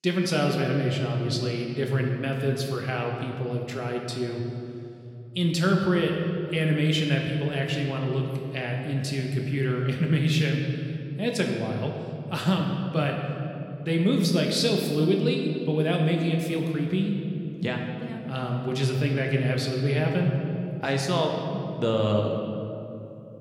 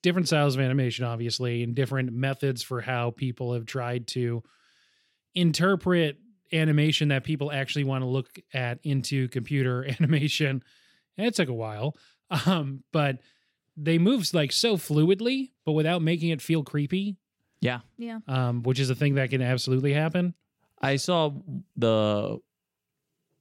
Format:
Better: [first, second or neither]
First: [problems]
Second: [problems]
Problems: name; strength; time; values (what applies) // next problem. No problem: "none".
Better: second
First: room echo; noticeable; dies away in 2.3 s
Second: none